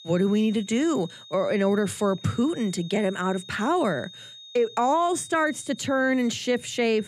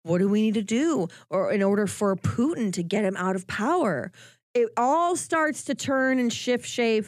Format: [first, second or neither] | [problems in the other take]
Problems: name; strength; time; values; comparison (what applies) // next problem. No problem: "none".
second | high-pitched whine; noticeable; throughout; 3.5 kHz, 20 dB below the speech